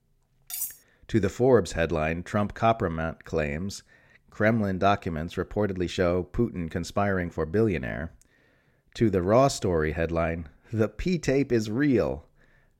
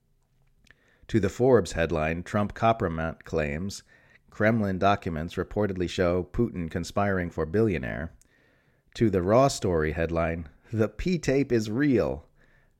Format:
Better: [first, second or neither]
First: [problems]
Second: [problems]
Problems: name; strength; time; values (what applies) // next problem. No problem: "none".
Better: second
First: clattering dishes; noticeable; at 0.5 s; peak 6 dB below the speech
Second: none